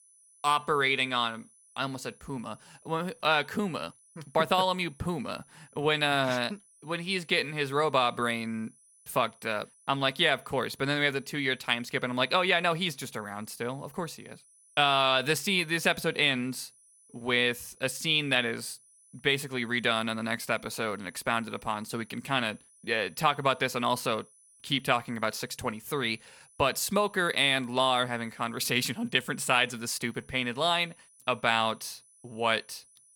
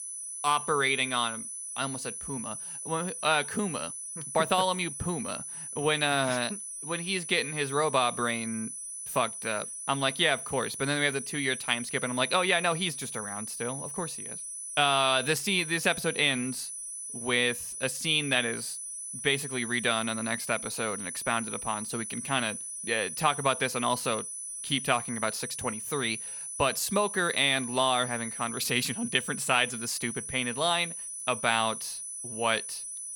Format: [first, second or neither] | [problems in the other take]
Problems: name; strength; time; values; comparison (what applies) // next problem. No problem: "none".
first | high-pitched whine; loud; throughout; 10 kHz, 7 dB below the speech; faint in the first